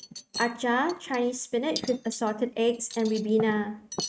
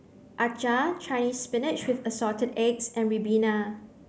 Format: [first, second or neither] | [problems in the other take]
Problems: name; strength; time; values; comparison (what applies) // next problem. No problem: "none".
second | noise reduction (neural mask model RNNoise)